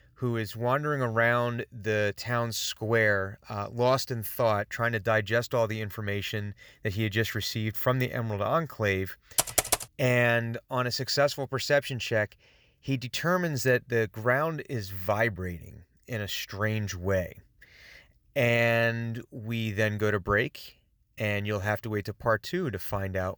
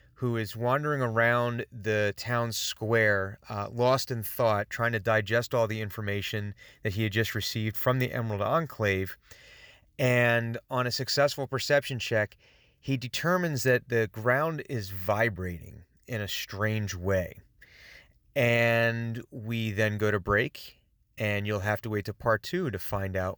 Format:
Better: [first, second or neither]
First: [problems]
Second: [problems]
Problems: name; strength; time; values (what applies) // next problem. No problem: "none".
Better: second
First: keyboard typing; loud; at 9.5 s; peak 3 dB above the speech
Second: none